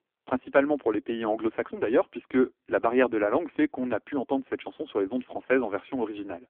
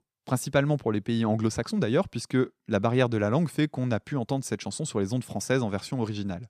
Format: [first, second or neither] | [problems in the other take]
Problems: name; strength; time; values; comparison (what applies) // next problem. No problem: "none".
second | phone-call audio; poor line; nothing above 3.5 kHz